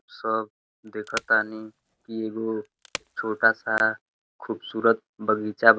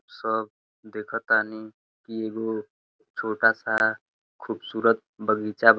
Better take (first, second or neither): second